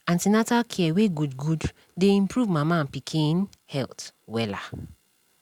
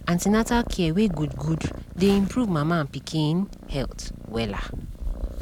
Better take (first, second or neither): first